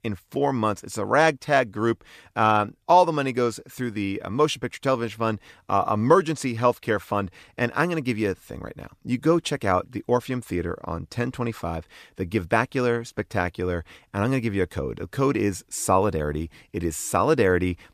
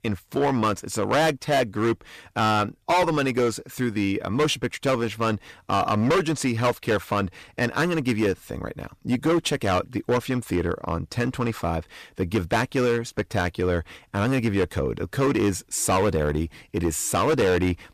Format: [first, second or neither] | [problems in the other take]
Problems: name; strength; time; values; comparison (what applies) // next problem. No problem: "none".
first | distortion; heavy; 11% of the sound clipped